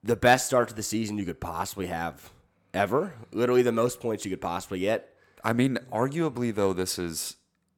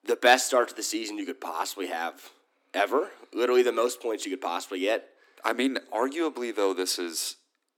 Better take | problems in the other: first | thin; very slightly; fading below 250 Hz

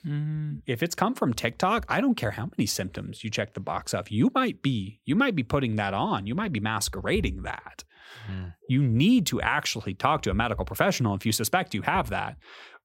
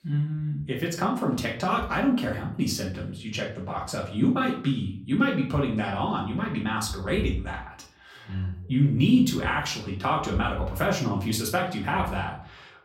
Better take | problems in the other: first | off-mic speech; far // room echo; slight; dies away in 0.4 s

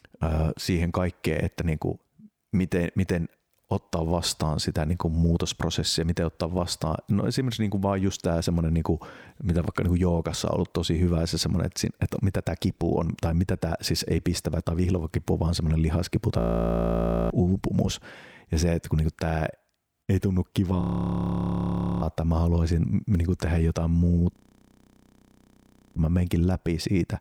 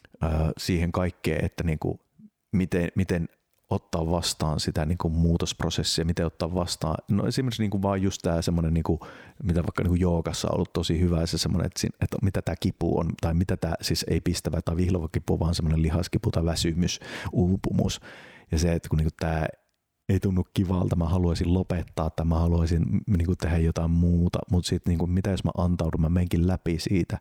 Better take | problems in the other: second | audio freezing; at 16 s for 1 s, at 21 s for 1 s and at 24 s for 1.5 s

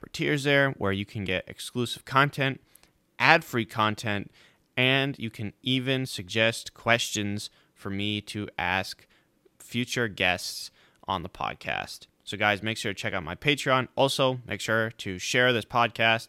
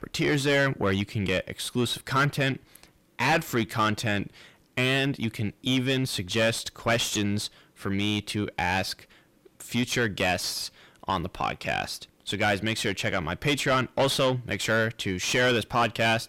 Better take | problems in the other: first | distortion; heavy; 5 dB below the speech

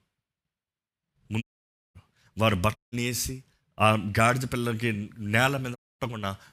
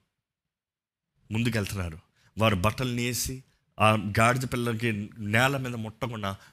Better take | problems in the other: second | audio cutting out; at 1.5 s for 0.5 s, at 3 s and at 6 s

